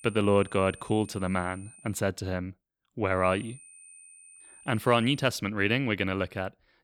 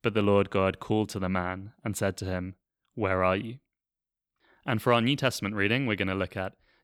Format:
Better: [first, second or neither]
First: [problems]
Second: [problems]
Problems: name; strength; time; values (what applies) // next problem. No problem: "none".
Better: second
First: high-pitched whine; faint; until 2 s and from 3 to 5 s; 9 kHz, 20 dB below the speech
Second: none